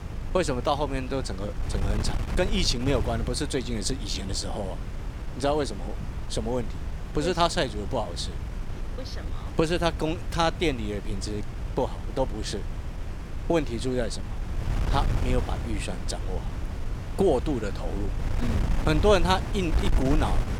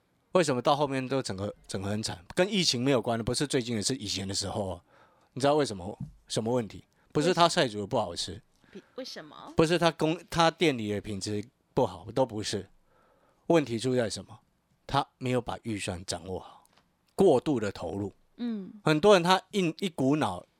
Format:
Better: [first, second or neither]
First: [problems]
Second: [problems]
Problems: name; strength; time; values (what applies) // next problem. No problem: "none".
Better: second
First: wind noise on the microphone; occasional gusts; 10 dB below the speech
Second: none